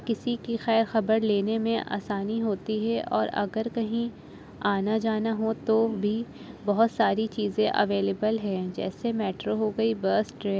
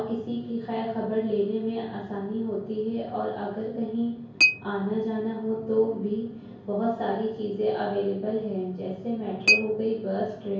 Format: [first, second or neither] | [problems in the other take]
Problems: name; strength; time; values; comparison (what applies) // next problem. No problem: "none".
first | background sound (Chink, clink); 5 dB below the speech // room echo; dies away in 0.6 s